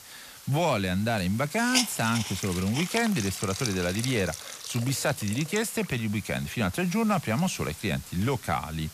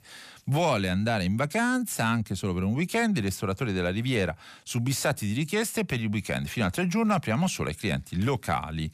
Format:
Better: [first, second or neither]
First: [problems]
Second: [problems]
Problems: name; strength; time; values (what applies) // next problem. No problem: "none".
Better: second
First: hiss; loud; throughout; 7 dB below the speech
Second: none